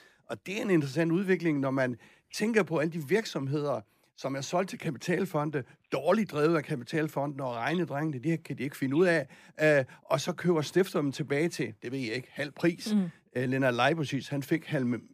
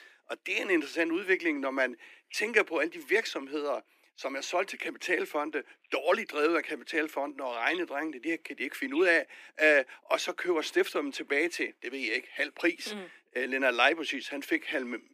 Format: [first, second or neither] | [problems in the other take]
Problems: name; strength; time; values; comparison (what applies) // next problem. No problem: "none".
first | thin; somewhat; fading below 300 Hz